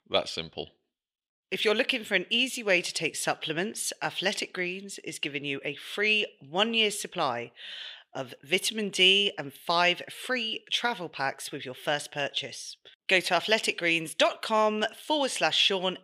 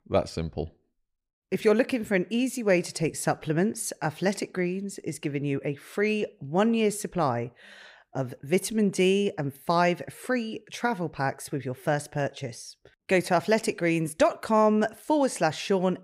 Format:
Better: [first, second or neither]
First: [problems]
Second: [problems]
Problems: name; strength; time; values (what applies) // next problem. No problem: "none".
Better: second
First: thin; very slightly; fading below 500 Hz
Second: none